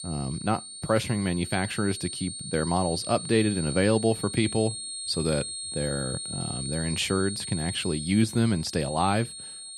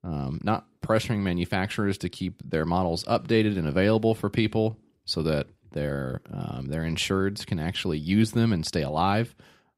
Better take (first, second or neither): second